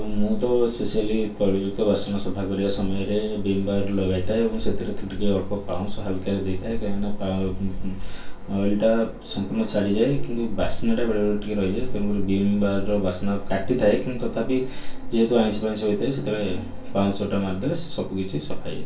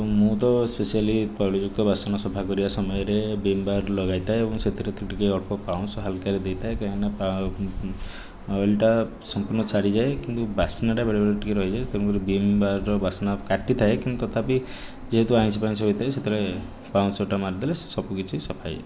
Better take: second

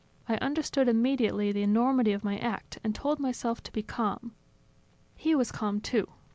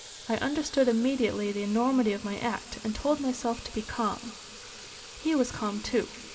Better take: first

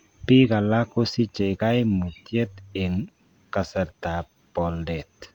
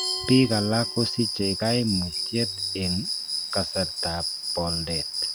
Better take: first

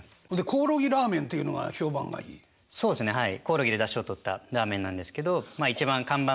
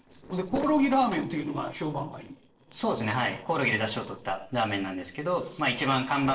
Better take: first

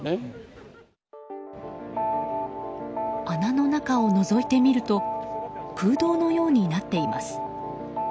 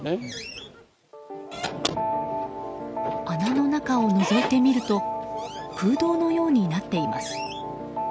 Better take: first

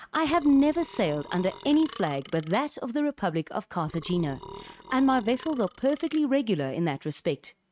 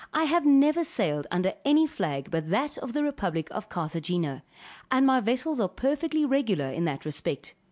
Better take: second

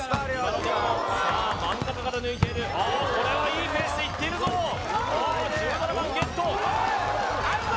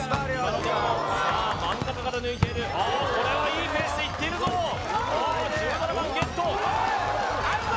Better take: first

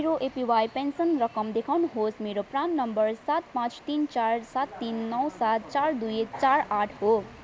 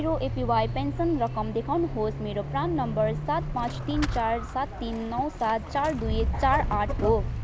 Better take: first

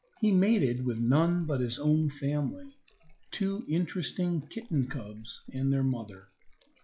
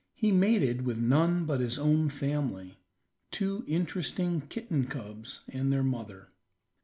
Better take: second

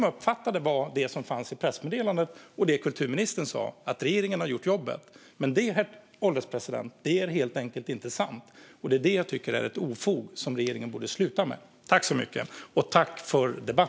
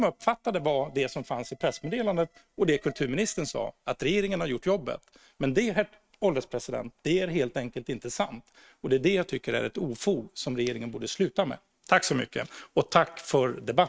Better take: first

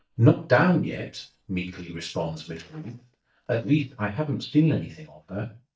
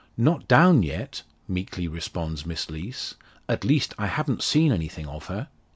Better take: second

